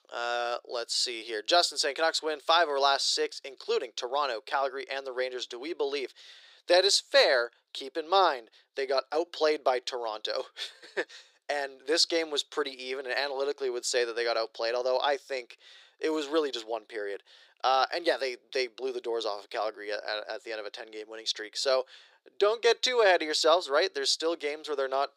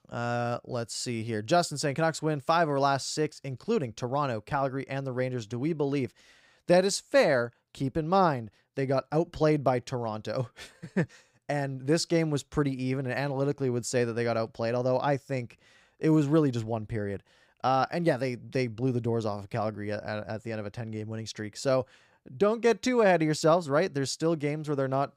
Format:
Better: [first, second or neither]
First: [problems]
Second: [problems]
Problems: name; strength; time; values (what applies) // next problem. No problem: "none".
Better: second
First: thin; very; fading below 400 Hz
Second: none